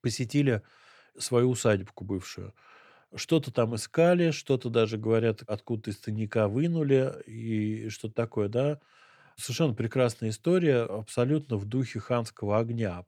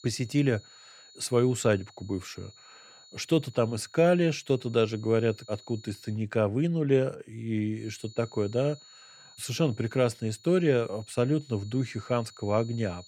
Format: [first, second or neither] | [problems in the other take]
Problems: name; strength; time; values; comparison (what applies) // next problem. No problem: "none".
first | high-pitched whine; faint; until 6 s and from 8 s on; 4.5 kHz, 25 dB below the speech